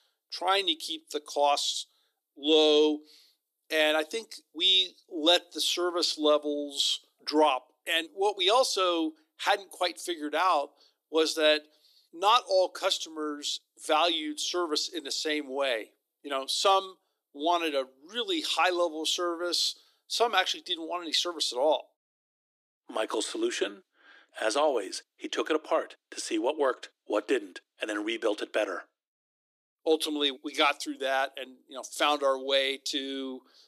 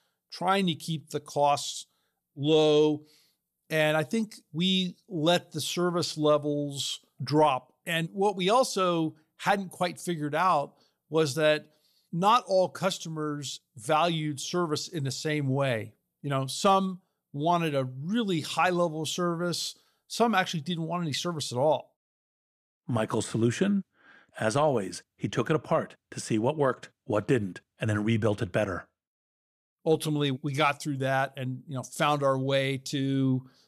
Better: second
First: thin; somewhat; fading below 300 Hz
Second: none

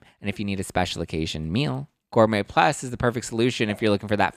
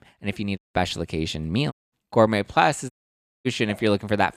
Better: first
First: none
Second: audio cutting out; at 0.5 s, at 1.5 s and at 3 s for 0.5 s

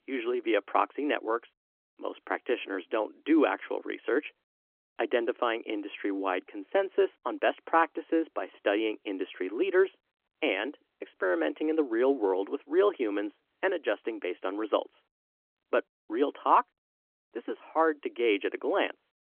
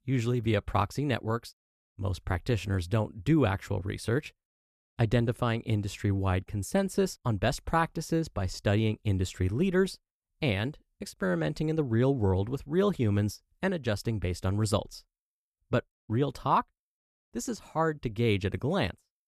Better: second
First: phone-call audio; nothing above 3.5 kHz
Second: none

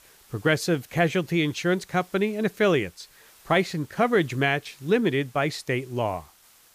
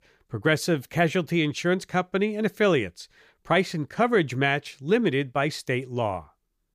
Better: second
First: hiss; faint; throughout; 30 dB below the speech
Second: none

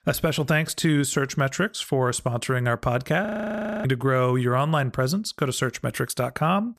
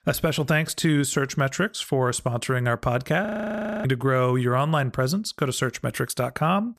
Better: neither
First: audio freezing; at 3.5 s for 0.5 s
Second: audio freezing; at 3.5 s for 0.5 s

